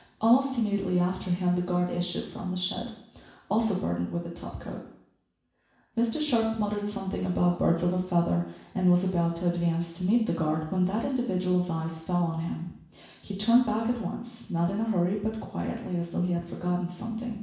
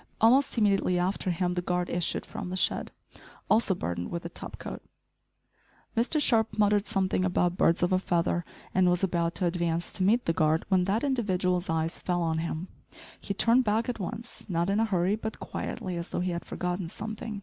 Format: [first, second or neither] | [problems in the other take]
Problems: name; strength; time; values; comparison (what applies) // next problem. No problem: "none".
second | room echo; dies away in 0.7 s